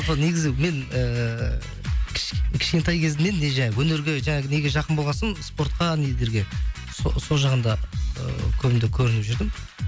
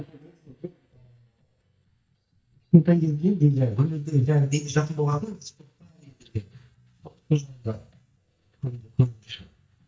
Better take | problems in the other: first | noise reduction (neural mask model DeepFilterNet 3)

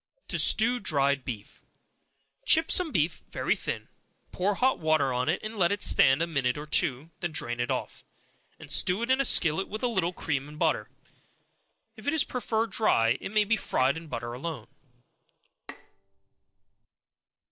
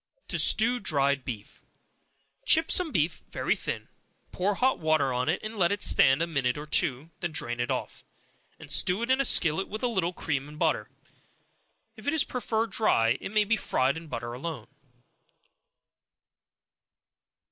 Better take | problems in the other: second | noise reduction (neural separator model SepFormer DNS4)

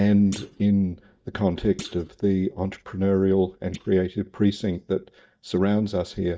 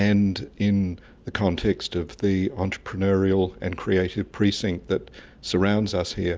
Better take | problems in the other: second | noise reduction (neural mask model DeepFilterNet 3)

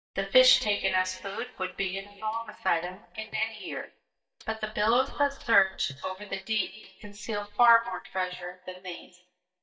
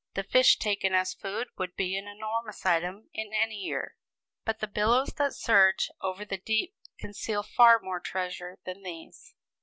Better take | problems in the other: second | noise reduction (neural mask model DeepFilterNet 3)

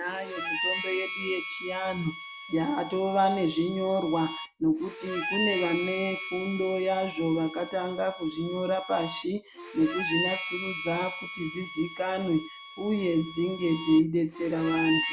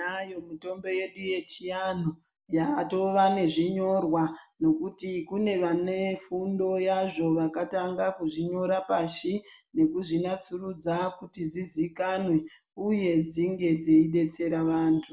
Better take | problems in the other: second | background sound (Harmonica); 8 dB below the speech

